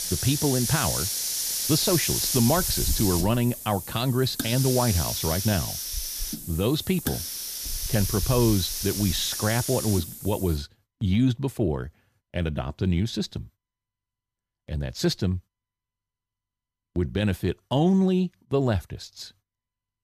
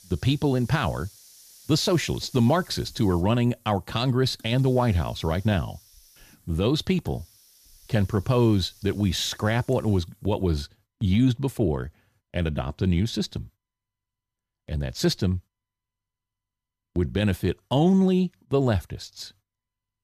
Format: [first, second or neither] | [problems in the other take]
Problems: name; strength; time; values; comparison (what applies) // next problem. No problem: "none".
second | hiss; loud; until 11 s; 2 dB below the speech; faint in the second